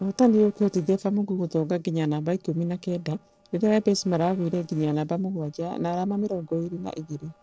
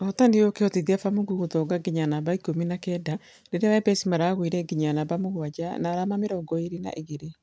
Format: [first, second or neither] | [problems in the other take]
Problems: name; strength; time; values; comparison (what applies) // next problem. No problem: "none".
second | noise reduction (neural separator model SepFormer DNS4)